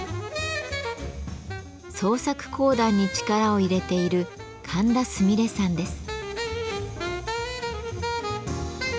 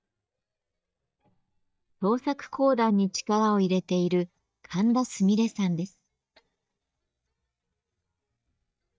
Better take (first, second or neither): first